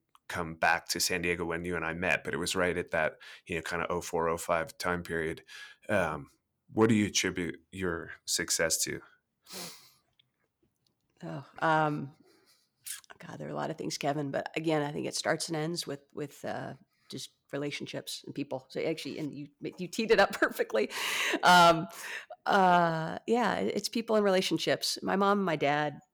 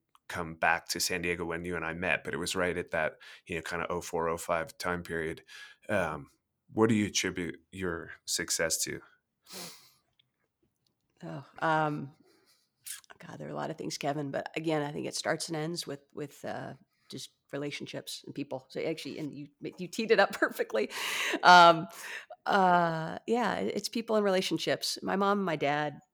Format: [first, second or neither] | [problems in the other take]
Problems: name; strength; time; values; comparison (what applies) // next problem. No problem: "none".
second | distortion; slight; 0.6% of the sound clipped